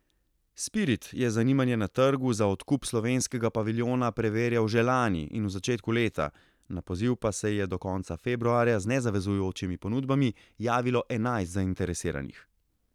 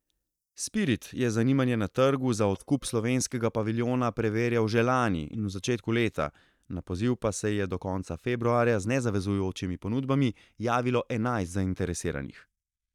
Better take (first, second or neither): first